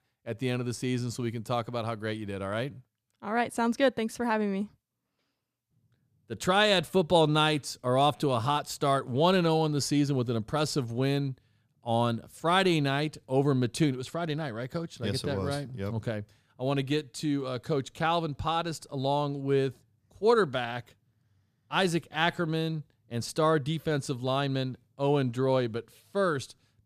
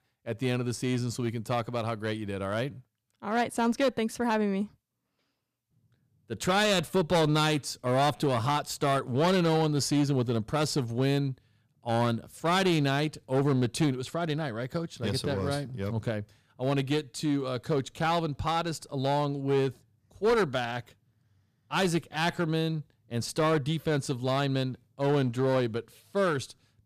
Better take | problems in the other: first | distortion; slight; 6% of the sound clipped

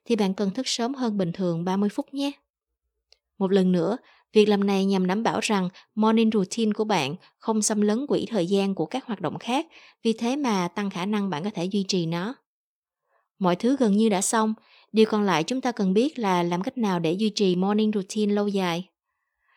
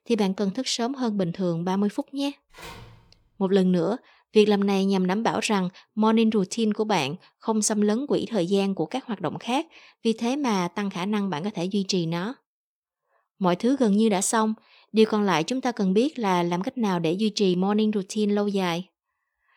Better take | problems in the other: first | phone ringing; faint; at 2.5 s; peak 15 dB below the speech

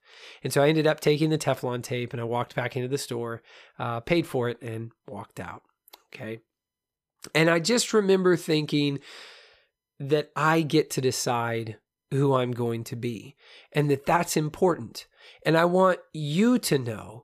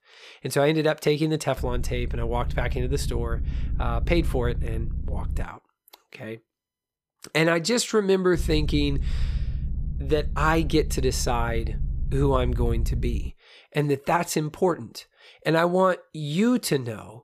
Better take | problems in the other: first | low rumble; faint; from 1.5 to 5.5 s and from 8.5 to 13 s; 20 dB below the speech

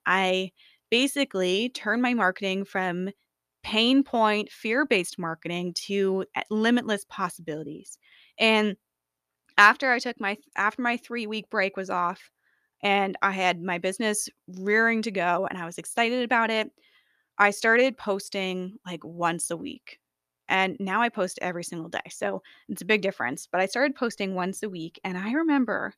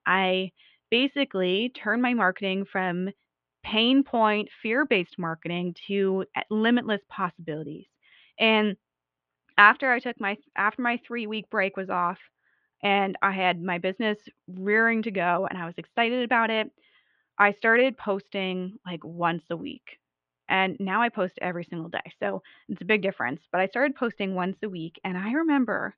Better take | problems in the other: first | muffled; very; fading above 3 kHz

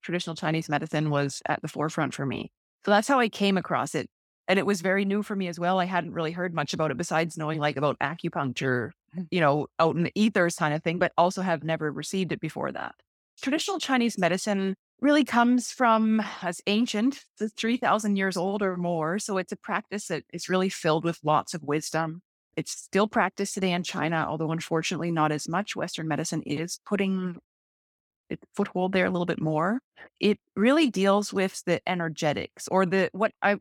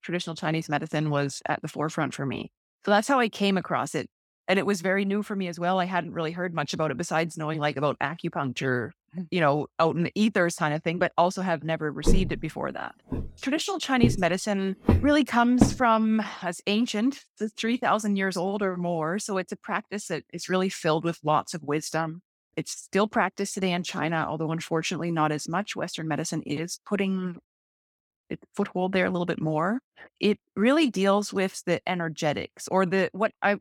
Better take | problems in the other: first | footsteps; loud; from 12 to 16 s; peak 2 dB above the speech

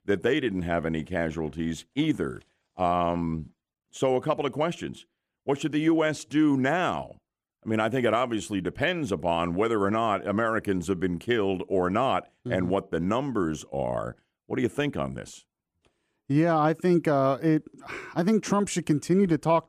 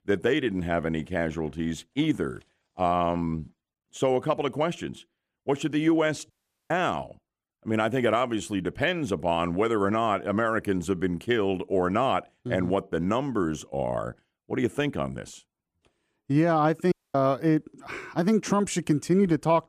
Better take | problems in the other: first | audio cutting out; at 6.5 s and at 17 s

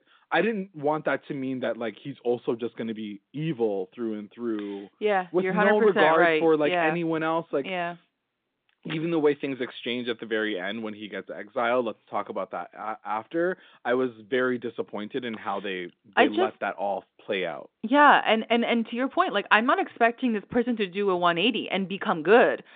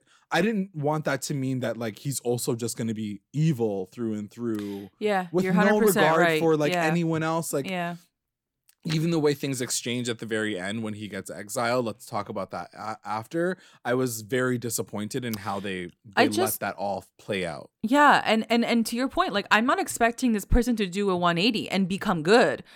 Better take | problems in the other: second | phone-call audio

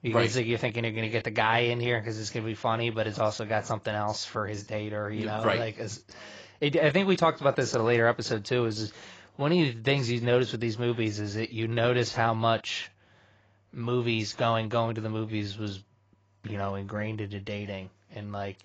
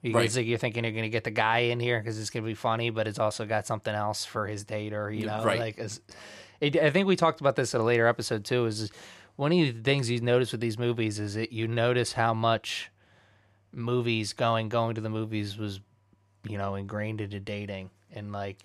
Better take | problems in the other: second | garbled, watery; badly; nothing above 7.5 kHz

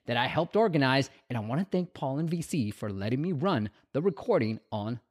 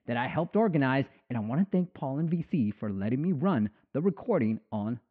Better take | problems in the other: first | muffled; very; fading above 2.5 kHz

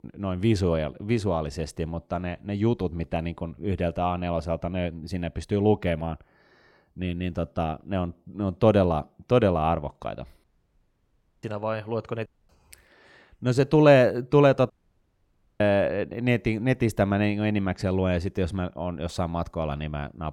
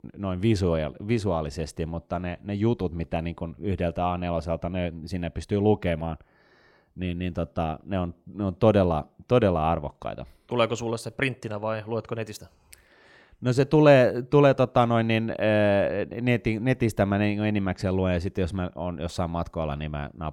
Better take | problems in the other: second | audio cutting out; at 10 s for 1 s, at 12 s and at 15 s for 1 s

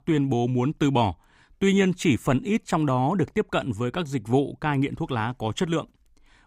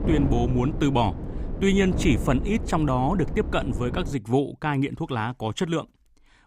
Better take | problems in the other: first | wind noise on the microphone; occasional gusts; until 4 s; 10 dB below the speech

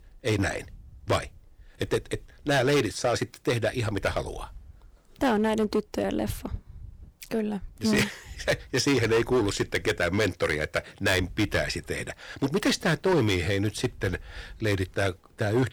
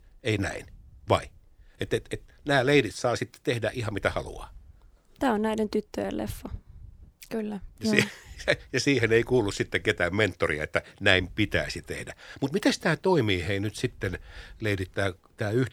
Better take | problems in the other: second | distortion; heavy; 6% of the sound clipped

